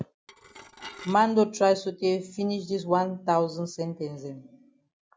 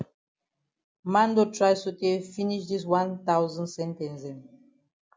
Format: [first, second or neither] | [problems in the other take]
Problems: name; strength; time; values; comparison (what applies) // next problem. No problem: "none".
second | background sound (Dishes, pots, and pans / Glass); 18 dB below the speech